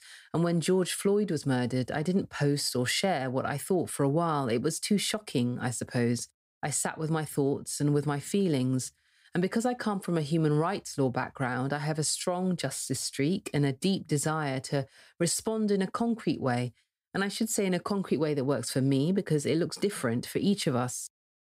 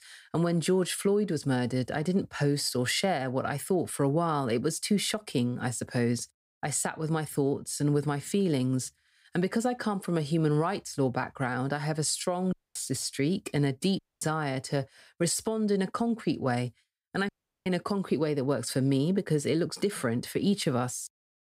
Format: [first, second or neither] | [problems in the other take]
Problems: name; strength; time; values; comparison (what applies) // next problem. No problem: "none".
first | audio cutting out; at 13 s, at 14 s and at 17 s